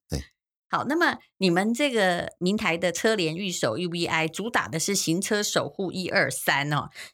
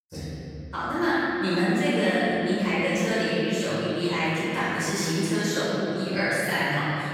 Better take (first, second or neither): first